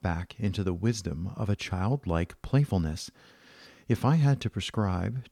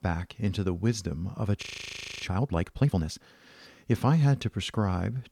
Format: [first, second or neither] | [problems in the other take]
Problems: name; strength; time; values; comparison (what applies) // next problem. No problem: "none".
first | audio freezing; at 1.5 s for 0.5 s